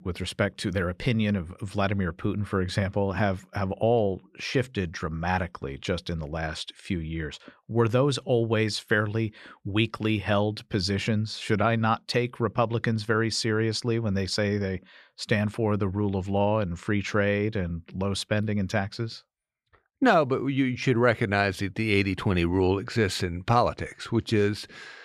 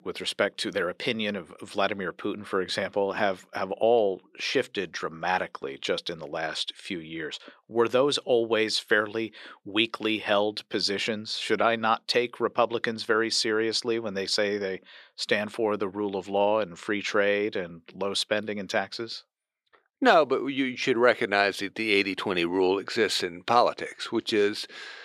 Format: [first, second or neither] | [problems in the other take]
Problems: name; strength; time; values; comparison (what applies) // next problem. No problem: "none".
first | thin; somewhat; fading below 400 Hz